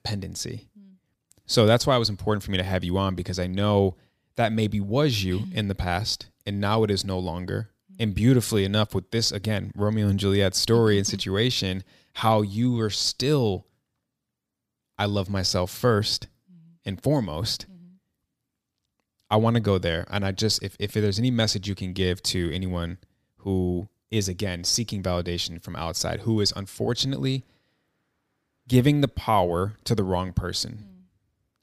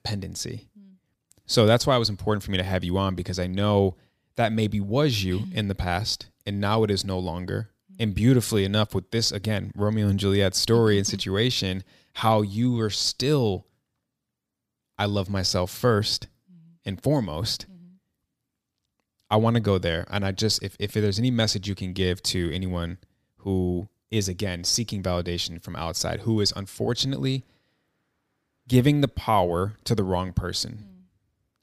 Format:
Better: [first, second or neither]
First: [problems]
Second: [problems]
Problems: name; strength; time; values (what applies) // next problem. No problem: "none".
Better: neither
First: none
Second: none